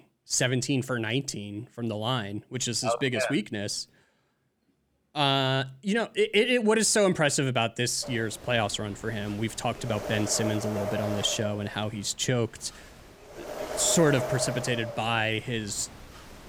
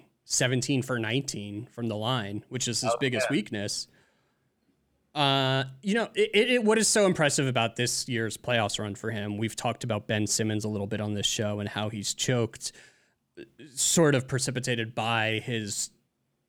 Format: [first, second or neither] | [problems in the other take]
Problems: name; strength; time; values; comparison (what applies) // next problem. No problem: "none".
second | wind noise on the microphone; heavy; from 8 s on; 7 dB below the speech